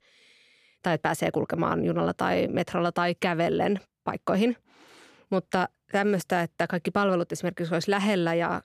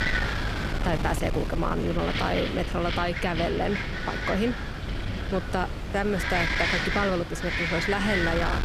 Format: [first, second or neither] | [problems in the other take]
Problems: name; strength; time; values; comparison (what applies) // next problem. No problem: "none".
first | wind noise on the microphone; heavy; as loud as the speech